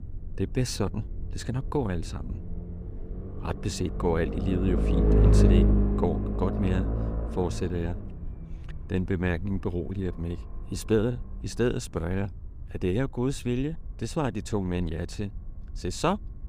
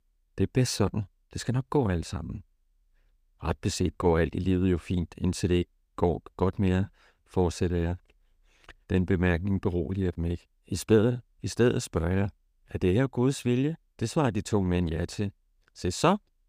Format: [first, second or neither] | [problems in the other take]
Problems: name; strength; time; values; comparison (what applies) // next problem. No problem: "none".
second | low rumble; loud; throughout; 2 dB below the speech